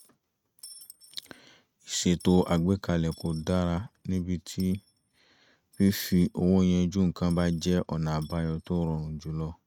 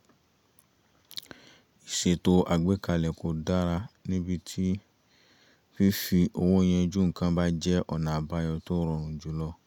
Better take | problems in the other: second | noise reduction (neural mask model RNNoise)

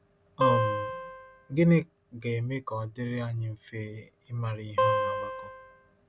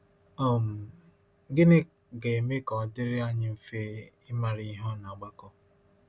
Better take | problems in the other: second | background sound (Acoustic guitar); 2 dB above the speech

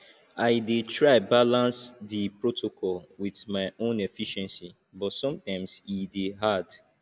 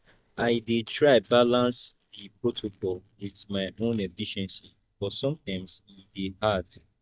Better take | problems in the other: first | noise reduction (neural mask model DeepFilterNet 3)

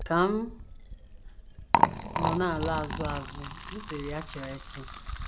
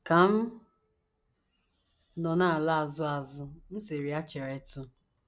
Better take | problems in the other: second | background sound (Liquid); 1 dB above the speech

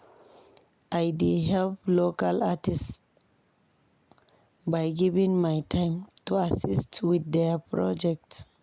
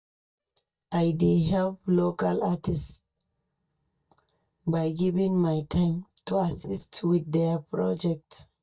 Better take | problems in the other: first | noise reduction (neural mask model DeepFilterNet 3)

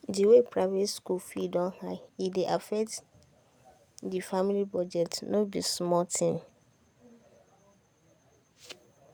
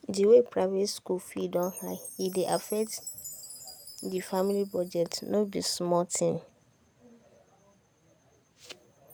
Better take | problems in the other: first | background sound (Chime); 19 dB below the speech

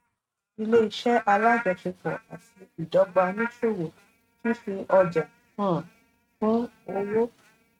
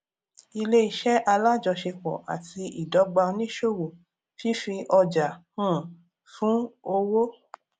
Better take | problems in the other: second | noise reduction (neural mask model RNNoise)

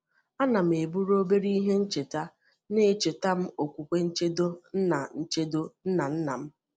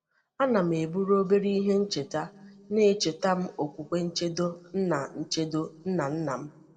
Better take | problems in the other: first | room echo; dies away in 1.4 s

